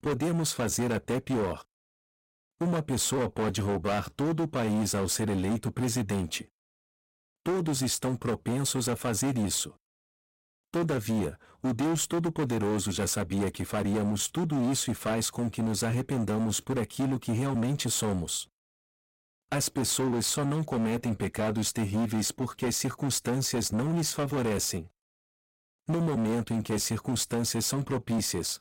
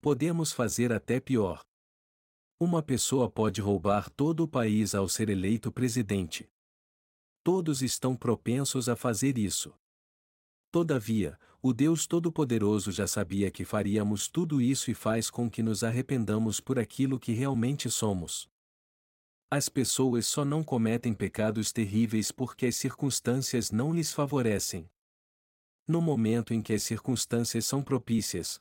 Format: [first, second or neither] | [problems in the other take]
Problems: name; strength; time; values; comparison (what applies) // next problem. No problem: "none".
second | distortion; heavy; 21% of the sound clipped